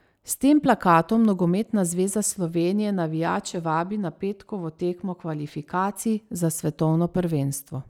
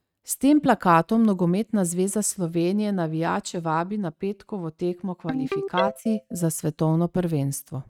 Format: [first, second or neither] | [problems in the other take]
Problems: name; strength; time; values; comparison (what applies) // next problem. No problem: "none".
first | noise reduction (neural mask model RNNoise)